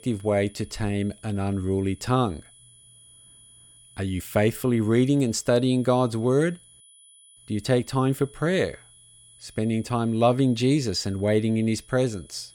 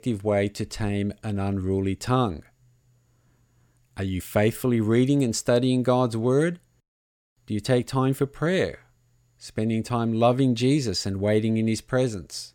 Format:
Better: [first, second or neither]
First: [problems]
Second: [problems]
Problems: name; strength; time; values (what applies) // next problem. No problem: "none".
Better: second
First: high-pitched whine; faint; throughout; 10 kHz, 25 dB below the speech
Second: none